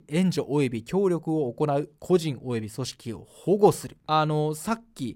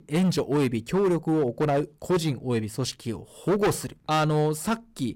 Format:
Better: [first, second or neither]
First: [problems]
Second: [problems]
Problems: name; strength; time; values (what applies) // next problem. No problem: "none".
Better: first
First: none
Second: distortion; heavy; 11% of the sound clipped